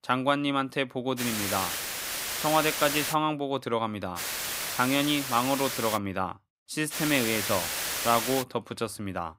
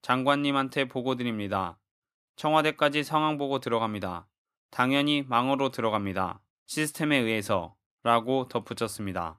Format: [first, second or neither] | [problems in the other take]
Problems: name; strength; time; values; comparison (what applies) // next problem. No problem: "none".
second | hiss; loud; from 1 to 3 s, from 4 to 6 s and from 7 to 8.5 s; 2 dB below the speech